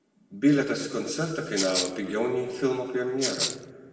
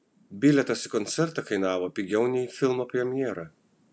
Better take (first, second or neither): second